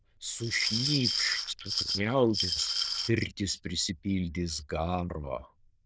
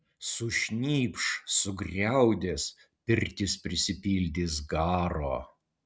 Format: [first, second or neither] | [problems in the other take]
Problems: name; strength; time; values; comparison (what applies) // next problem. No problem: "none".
second | noise reduction (neural diffusion model UNIVERSE++)